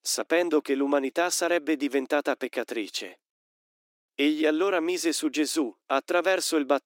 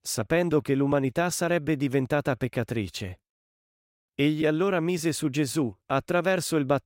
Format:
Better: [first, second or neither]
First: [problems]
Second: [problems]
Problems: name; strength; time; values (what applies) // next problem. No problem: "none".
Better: second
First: thin; very slightly; fading below 300 Hz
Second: none